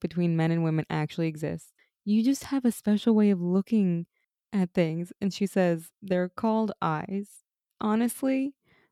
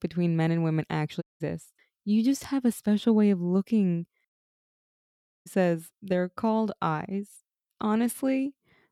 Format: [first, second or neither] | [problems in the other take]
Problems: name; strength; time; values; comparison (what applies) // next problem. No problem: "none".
first | audio cutting out; at 1 s and at 4.5 s for 1 s